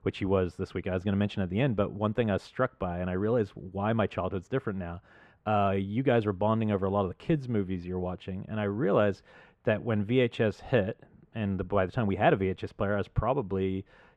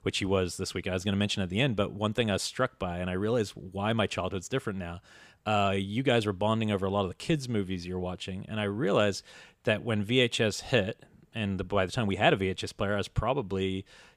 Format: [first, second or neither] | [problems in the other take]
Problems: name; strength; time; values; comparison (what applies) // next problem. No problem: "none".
second | muffled; very; fading above 3 kHz